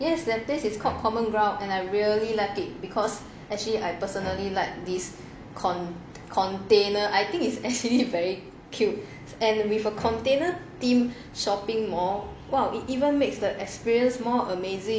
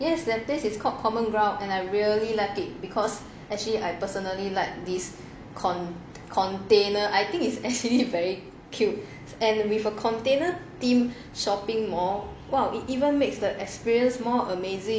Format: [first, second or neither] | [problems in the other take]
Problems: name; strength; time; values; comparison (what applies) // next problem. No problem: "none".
second | background sound (Bowed string instrument); 18 dB below the speech